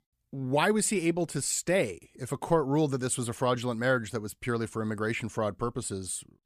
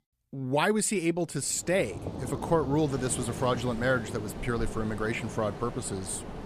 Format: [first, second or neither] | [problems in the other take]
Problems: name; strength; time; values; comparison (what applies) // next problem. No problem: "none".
first | rain or running water; loud; from 1.5 s on; 10 dB below the speech